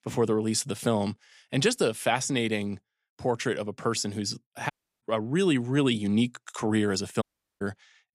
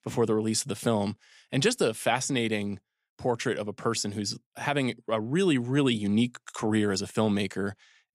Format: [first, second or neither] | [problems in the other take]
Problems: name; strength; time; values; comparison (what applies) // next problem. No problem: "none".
second | audio cutting out; at 4.5 s and at 7 s